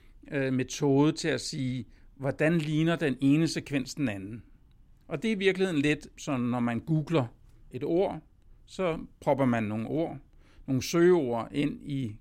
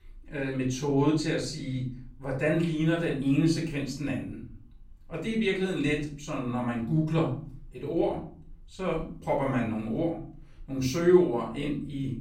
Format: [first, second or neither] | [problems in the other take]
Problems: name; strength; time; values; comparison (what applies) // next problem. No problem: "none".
first | off-mic speech; far // room echo; slight; dies away in 0.4 s